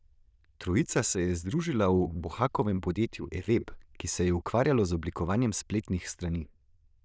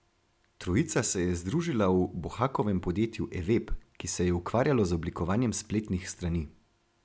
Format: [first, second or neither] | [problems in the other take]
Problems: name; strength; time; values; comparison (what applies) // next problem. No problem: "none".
second | noise reduction (neural diffusion model UNIVERSE++)